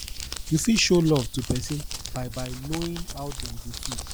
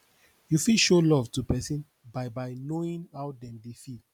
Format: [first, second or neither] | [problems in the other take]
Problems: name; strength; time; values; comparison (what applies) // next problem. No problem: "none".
second | background sound (Crumpling, crinkling); 7 dB below the speech